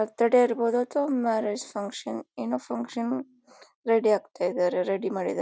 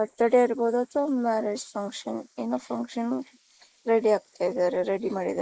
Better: first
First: none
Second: noise reduction (neural mask model Resemble Enhance denoiser)

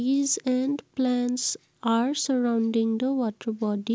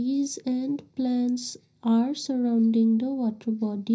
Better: first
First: none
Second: room echo; dies away in 0.5 s

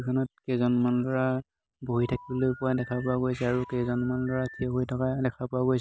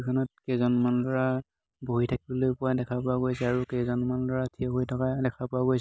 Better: second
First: background sound (Telephone); 19 dB below the speech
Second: none

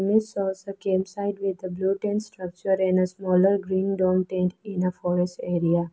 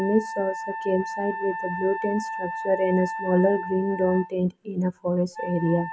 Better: first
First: none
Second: background sound (Wind instrument, woodwind instrument); 8 dB below the speech

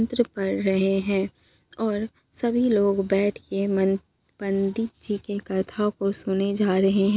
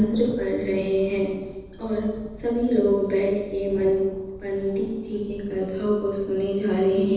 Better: first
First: none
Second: background sound (Thunder); 18 dB below the speech // room echo; dies away in 1.1 s

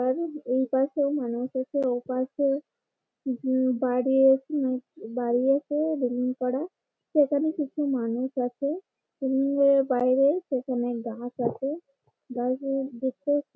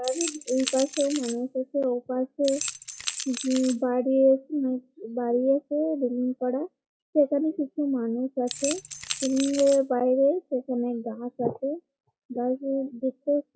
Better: first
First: none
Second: noise reduction (classical method log-MMSE)

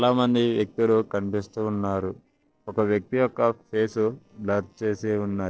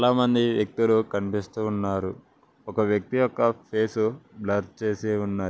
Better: second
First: noise reduction (neural separator model SepFormer DNS4)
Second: none

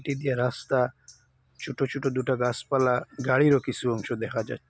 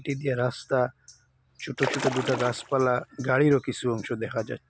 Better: first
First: none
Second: background sound (Splash, splatter); 6 dB below the speech

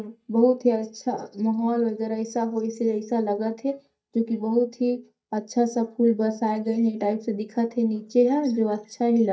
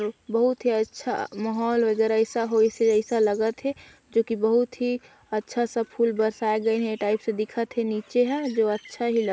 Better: second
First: noise reduction (neural mask model DeepFilterNet 3)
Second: none

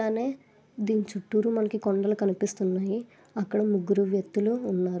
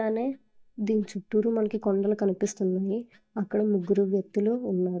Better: first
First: none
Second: noise reduction (neural mask model DeepFilterNet 3)

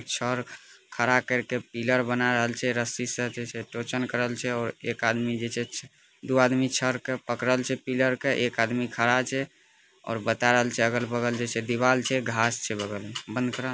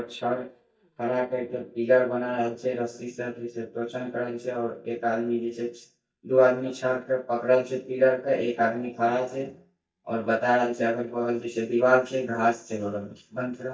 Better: first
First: none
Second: noise reduction (neural mask model DeepFilterNet 3)

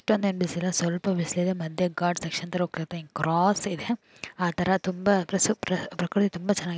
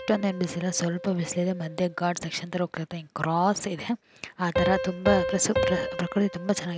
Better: first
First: none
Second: background sound (Piano); 5 dB below the speech

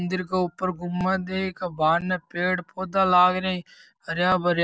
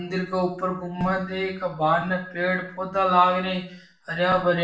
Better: first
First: none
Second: room echo; dies away in 0.5 s

